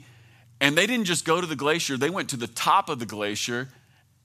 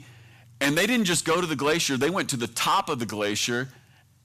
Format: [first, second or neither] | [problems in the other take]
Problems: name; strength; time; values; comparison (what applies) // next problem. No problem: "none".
first | distortion; heavy; 6% of the sound clipped